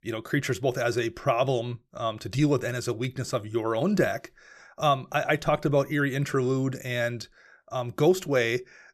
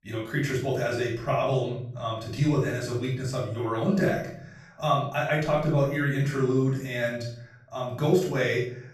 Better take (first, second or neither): first